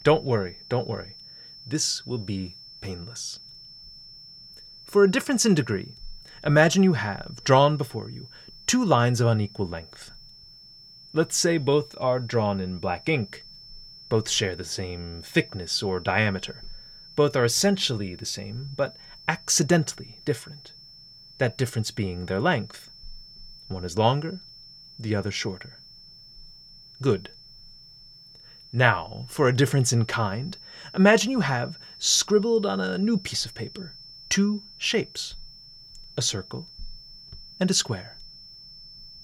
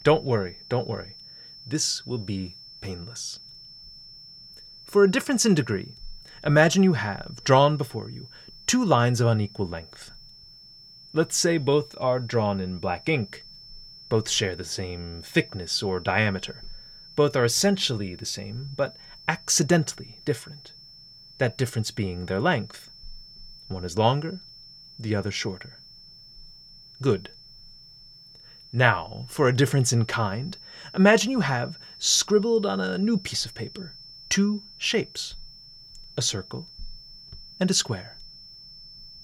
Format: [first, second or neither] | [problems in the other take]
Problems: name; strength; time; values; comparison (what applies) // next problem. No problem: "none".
neither | high-pitched whine; noticeable; throughout; 5.5 kHz, 20 dB below the speech; the same in both